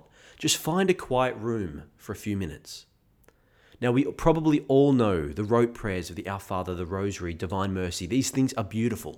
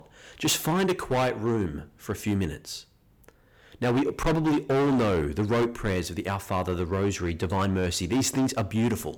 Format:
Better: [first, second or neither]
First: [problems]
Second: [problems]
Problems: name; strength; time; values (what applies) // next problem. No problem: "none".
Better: first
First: none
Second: distortion; heavy; 14% of the sound clipped